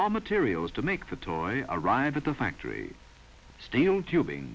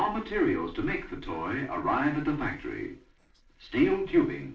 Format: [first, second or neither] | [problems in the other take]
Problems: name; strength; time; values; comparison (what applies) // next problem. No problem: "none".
first | noise reduction (neural separator model SepFormer DNS4)